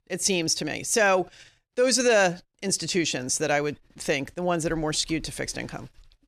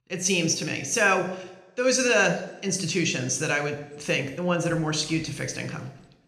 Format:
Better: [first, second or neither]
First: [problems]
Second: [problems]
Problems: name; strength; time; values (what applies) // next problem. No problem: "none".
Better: first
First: none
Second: room echo; slight; dies away in 0.7 s // off-mic speech; somewhat distant